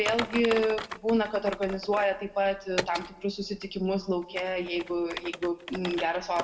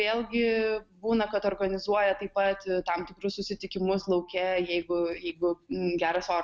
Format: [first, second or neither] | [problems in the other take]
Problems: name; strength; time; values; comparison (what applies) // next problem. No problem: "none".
second | background sound (Typing); 10 dB below the speech // room echo; dies away in 1.2 s